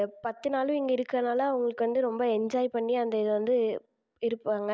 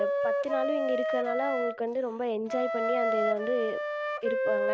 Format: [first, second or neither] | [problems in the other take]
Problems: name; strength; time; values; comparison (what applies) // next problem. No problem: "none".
first | background sound (Wind instrument, woodwind instrument); 2 dB above the speech